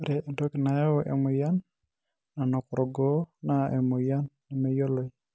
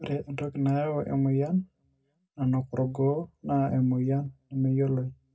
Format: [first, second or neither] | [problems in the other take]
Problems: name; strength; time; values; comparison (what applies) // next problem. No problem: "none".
first | room echo; dies away in 0.2 s